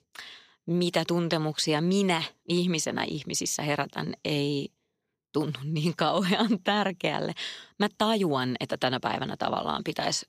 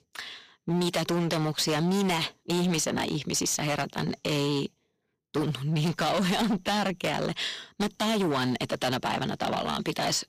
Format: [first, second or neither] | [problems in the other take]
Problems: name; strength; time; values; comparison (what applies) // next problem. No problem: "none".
first | distortion; heavy; 19% of the sound clipped